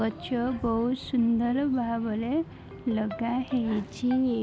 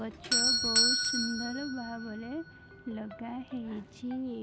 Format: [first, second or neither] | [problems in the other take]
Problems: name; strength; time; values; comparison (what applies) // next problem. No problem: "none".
first | background sound (Doorbell); 5 dB above the speech